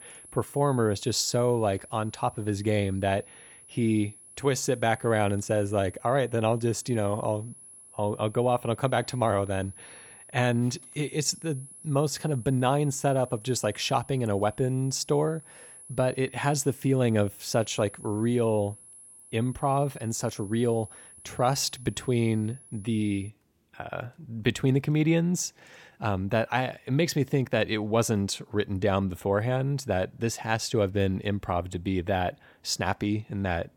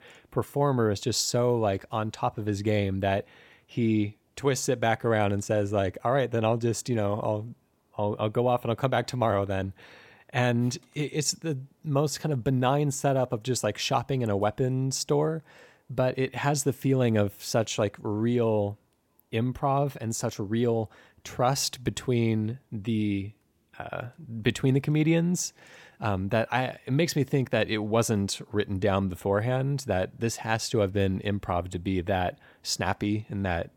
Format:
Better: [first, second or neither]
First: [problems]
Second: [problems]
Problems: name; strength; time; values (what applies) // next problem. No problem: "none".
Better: second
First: high-pitched whine; noticeable; until 23 s; 10.5 kHz, 20 dB below the speech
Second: none